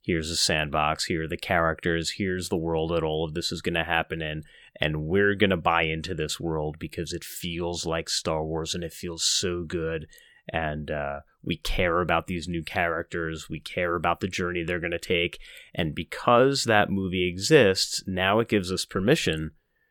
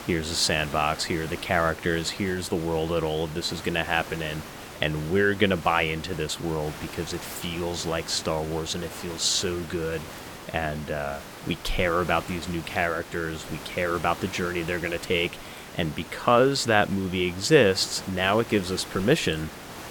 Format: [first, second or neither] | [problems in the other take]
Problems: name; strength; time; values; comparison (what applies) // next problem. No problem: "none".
first | hiss; noticeable; throughout; 15 dB below the speech